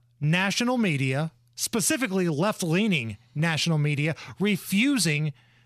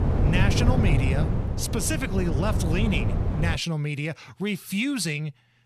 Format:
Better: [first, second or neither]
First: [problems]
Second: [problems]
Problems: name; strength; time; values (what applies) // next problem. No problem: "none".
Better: first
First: none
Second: wind noise on the microphone; heavy; until 3.5 s; 4 dB below the speech